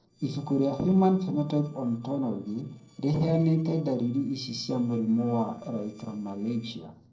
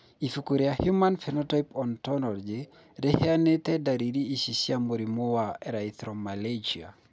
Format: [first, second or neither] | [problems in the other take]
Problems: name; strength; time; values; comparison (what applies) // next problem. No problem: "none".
second | noise reduction (neural separator model SepFormer DNS4)